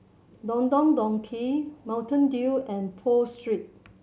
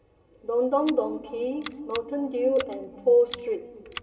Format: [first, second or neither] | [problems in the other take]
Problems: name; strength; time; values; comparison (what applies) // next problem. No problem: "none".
first | background sound (Scissors); 18 dB below the speech // room echo; dies away in 2.6 s